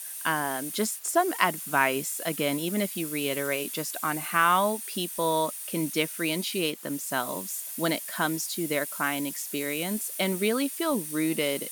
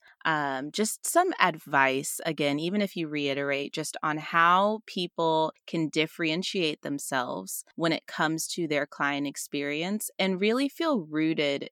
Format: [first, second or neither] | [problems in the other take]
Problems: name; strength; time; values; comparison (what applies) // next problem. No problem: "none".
second | hiss; loud; throughout; 6 dB below the speech